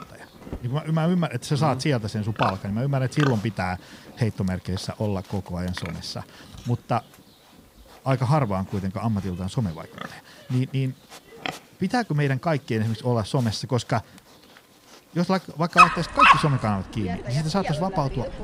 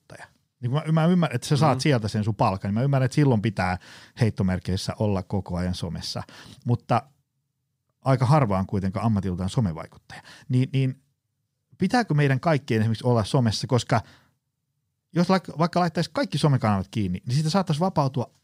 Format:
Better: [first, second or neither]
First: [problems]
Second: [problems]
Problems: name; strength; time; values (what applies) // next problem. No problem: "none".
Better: second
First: animal sounds; very loud; throughout; 3 dB above the speech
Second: none